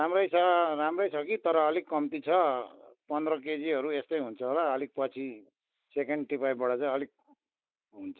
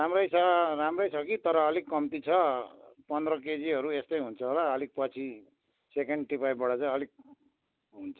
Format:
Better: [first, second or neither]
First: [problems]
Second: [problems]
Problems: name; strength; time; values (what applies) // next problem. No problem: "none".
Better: second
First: noise reduction (neural mask model Resemble Enhance denoiser)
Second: none